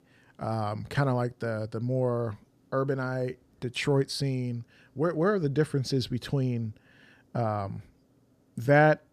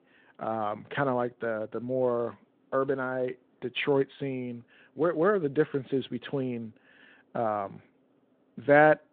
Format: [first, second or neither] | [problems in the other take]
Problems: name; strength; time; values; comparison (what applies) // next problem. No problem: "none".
first | phone-call audio